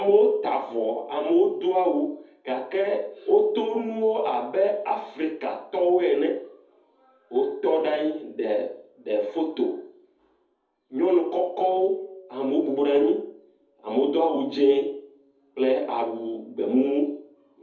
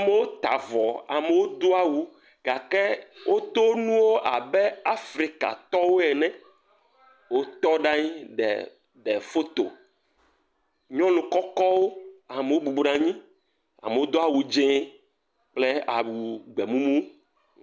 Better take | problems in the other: second | room echo; dies away in 0.5 s

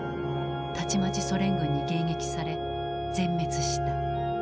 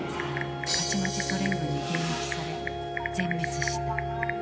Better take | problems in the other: first | background sound (Crash cymbal + Typing); 4 dB below the speech

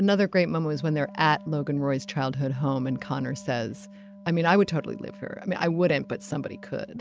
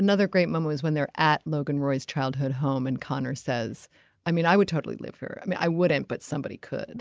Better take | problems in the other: second | background sound (Wind instrument, woodwind instrument); 19 dB below the speech

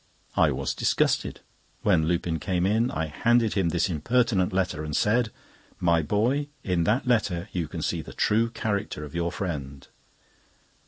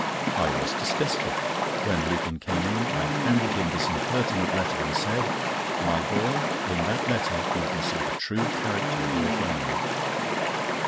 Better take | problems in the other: first | background sound (Stream); 4 dB above the speech

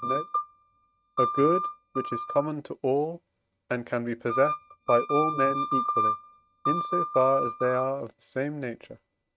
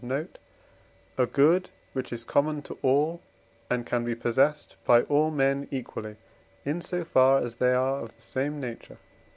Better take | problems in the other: second | noise reduction (neural mask model RNNoise)

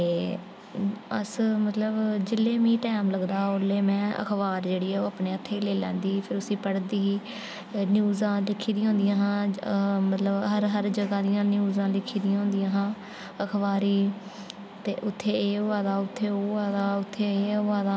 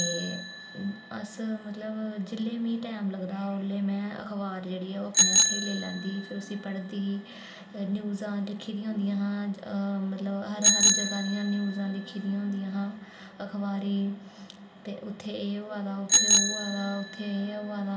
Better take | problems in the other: first | background sound (Bicycle bell); 1 dB above the speech // room echo; dies away in 0.8 s

